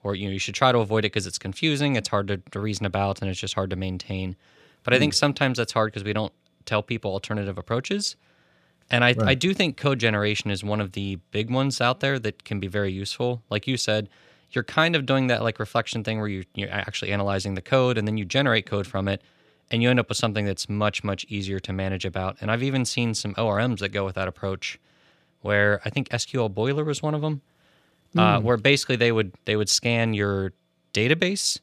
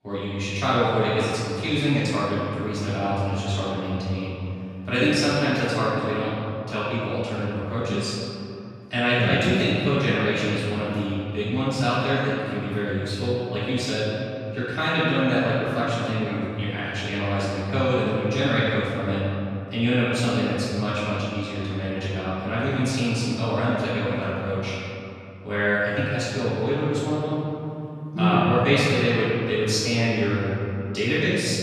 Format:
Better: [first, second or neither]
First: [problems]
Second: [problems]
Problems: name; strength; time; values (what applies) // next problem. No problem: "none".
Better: first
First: none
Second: room echo; strong; dies away in 2.7 s // off-mic speech; far